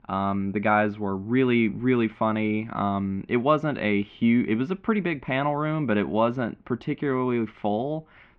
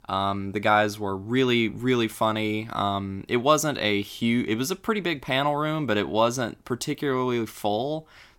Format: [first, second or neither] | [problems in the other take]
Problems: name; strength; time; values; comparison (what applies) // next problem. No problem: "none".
second | muffled; very; fading above 2.5 kHz